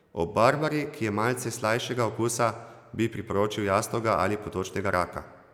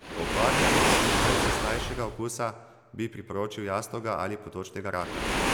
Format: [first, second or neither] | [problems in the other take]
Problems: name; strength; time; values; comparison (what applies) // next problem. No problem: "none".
first | background sound (Waves, surf); 4 dB above the speech